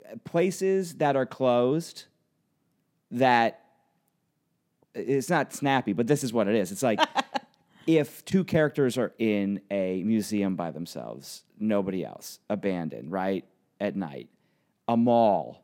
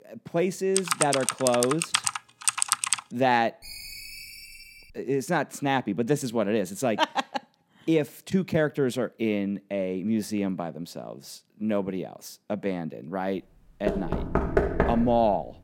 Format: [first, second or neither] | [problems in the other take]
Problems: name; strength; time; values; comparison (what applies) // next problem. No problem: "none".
first | keyboard typing; loud; from 1 to 3 s; peak 4 dB above the speech // phone ringing; faint; from 3.5 to 5 s; peak 10 dB below the speech // door banging; loud; from 14 s on; peak 3 dB above the speech